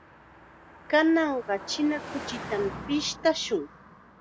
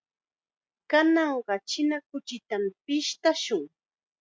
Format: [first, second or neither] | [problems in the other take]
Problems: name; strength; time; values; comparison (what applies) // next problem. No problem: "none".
second | background sound (Car passing by); 13 dB below the speech